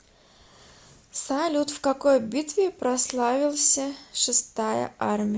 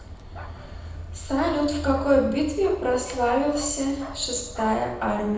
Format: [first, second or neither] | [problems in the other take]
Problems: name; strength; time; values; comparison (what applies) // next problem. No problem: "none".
first | background sound (Bark); 12 dB below the speech // room echo; dies away in 0.8 s